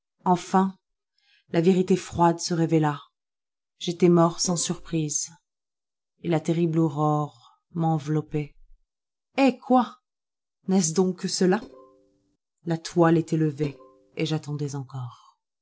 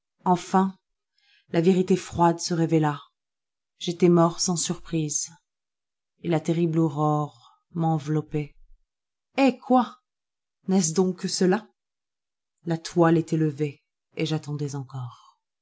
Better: second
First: noise reduction (neural separator model SepFormer DNS4)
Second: none

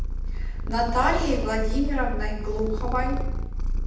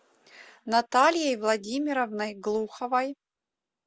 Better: second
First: background sound (Purr); 2 dB above the speech // room echo; dies away in 0.8 s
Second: none

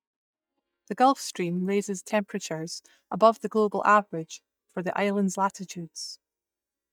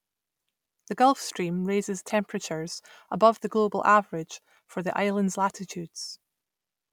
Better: second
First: noise reduction (neural mask model DeepFilterNet 3)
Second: none

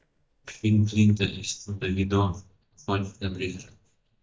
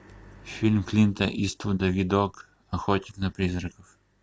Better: second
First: noise reduction (neural mask model DeepFilterNet 3)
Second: none

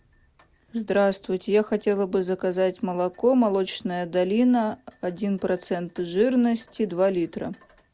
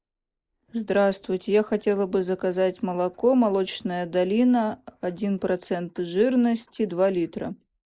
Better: first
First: none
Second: noise reduction (neural mask model Resemble Enhance denoiser)

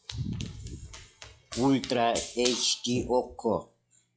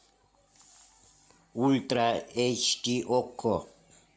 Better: second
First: noise reduction (classical method log-MMSE)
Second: none

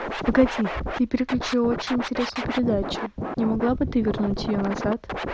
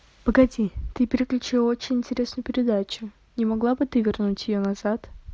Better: second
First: background sound (Scratching (performance technique)); 6 dB below the speech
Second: none

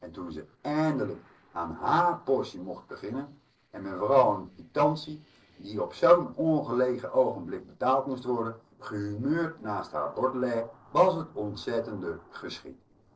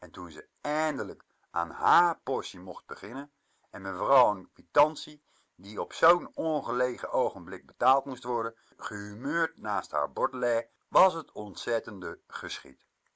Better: second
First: noise reduction (neural separator model SepFormer DNS4)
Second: none

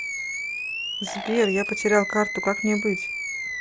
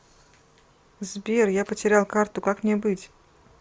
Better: second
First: background sound (Animal); 5 dB below the speech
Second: none

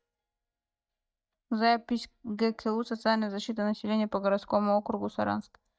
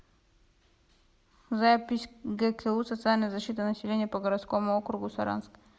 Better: second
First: noise reduction (neural mask model DeepFilterNet 3)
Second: none

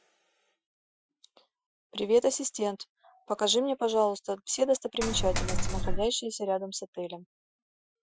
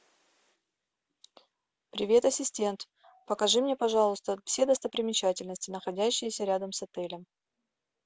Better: second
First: noise reduction (classical method Wiener filter)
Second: none

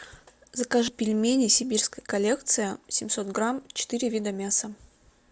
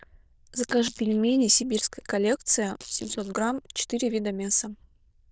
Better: first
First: none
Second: noise reduction (neural diffusion model UNIVERSE++)

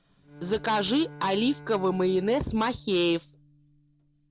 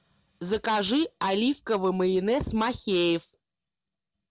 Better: second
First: background sound (Bowed string instrument); 19 dB below the speech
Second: none

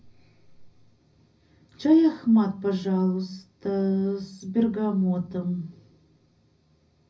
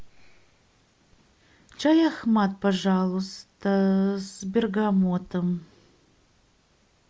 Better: second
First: room echo; dies away in 0.4 s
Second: none

